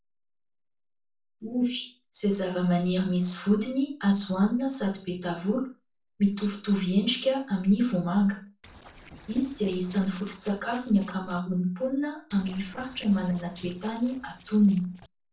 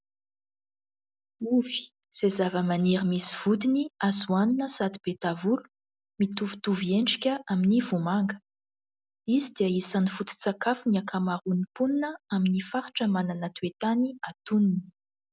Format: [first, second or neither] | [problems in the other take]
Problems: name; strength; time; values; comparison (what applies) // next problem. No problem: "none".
second | noise reduction (neural separator model SepFormer DNS4)